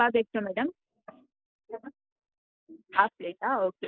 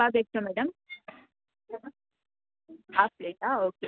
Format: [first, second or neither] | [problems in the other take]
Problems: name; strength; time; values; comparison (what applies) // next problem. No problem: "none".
second | noise reduction (neural mask model Resemble Enhance denoiser)